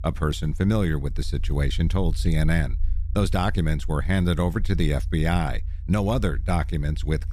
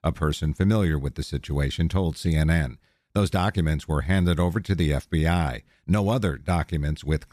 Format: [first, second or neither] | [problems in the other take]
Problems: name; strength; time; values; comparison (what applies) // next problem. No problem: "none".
second | low rumble; faint; throughout; 25 dB below the speech